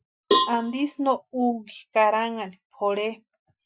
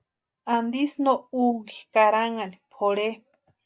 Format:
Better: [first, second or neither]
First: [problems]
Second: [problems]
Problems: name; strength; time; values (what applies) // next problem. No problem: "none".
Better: second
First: noise reduction (classical method Wiener filter)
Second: none